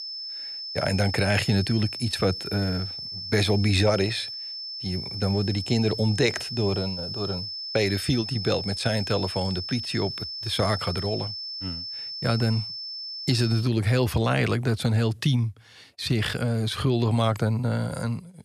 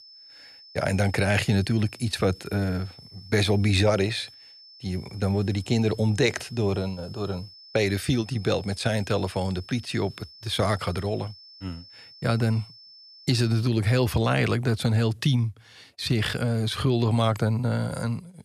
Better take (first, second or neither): second